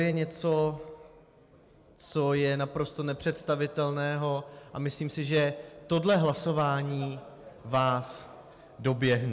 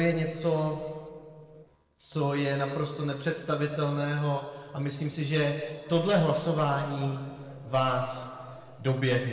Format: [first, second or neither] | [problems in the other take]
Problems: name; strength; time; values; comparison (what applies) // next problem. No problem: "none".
first | noise reduction (neural separator model SepFormer DNS4)